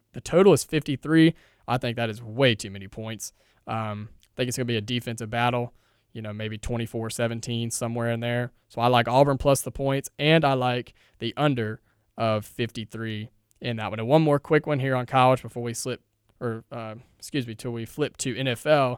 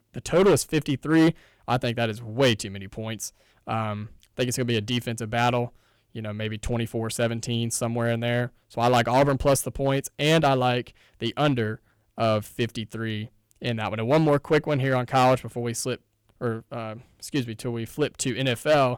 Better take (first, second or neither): first